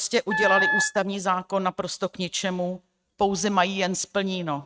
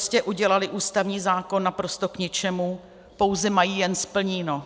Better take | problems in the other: second | noise reduction (neural mask model RNNoise)

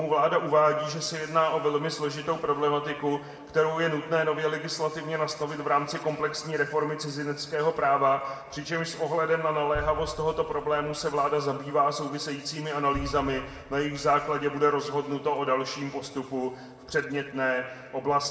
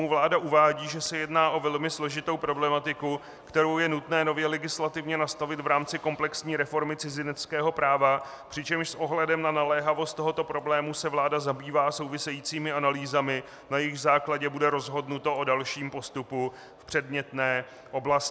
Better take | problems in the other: second | background sound (Boom); 17 dB below the speech // room echo; dies away in 1.3 s

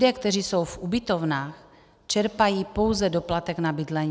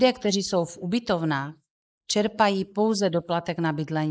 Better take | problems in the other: first | noise reduction (neural mask model Resemble Enhance denoiser)

